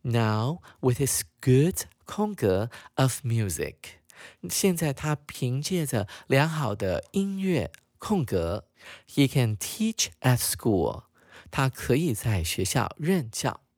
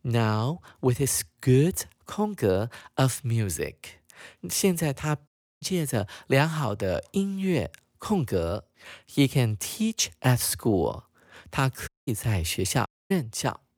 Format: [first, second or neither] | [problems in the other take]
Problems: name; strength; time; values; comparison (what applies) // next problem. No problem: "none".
first | audio cutting out; at 5.5 s, at 12 s and at 13 s